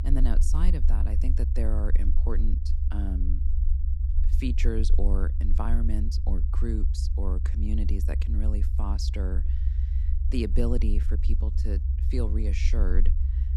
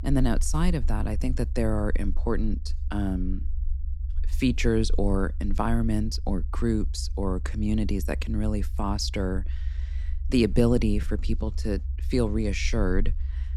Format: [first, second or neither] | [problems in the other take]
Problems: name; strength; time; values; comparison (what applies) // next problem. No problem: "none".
second | low rumble; loud; throughout; 8 dB below the speech; faint in the second